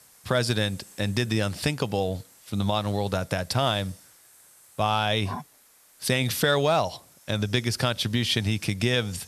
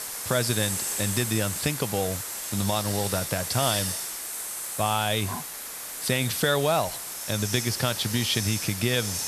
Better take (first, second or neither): first